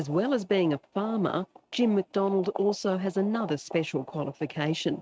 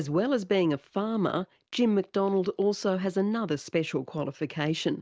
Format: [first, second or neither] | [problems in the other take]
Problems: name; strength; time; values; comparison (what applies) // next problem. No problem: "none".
second | noise reduction (neural mask model RNNoise)